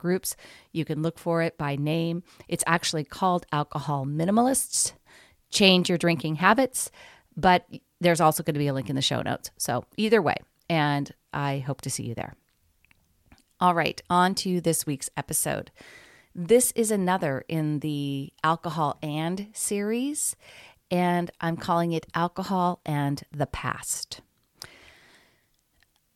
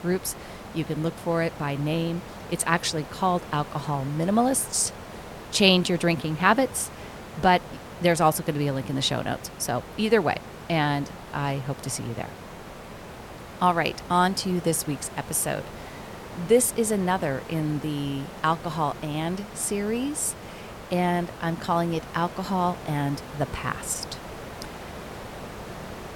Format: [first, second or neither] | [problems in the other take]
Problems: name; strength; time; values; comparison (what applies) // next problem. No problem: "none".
first | hiss; noticeable; throughout; 15 dB below the speech